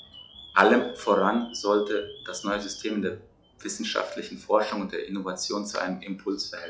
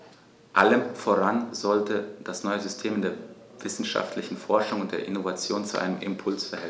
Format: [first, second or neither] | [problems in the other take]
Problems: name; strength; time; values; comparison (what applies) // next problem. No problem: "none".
second | noise reduction (classical method log-MMSE)